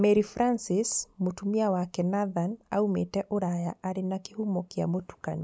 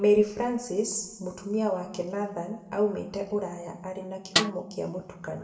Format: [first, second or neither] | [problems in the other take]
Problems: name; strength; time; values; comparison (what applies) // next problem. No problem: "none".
first | background sound (Snare drum); 1 dB below the speech // room echo; dies away in 0.8 s